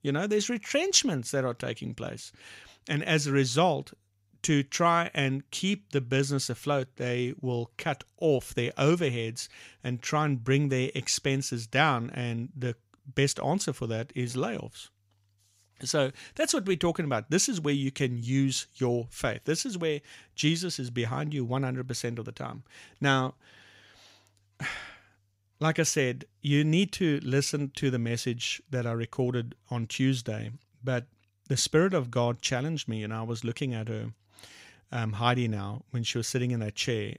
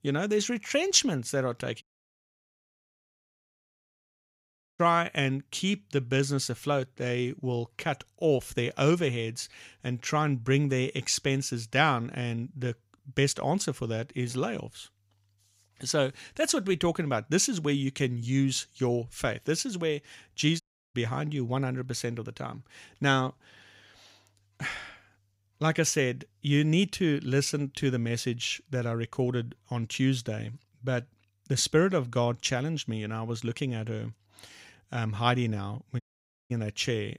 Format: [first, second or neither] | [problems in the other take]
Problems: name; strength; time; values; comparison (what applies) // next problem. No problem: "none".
first | audio cutting out; at 2 s for 3 s, at 21 s and at 36 s for 0.5 s